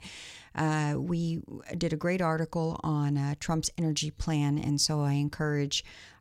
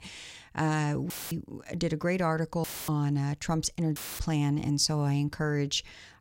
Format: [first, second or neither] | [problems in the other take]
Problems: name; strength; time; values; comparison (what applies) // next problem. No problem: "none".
first | audio cutting out; filled with static; at 1 s, at 2.5 s and at 4 s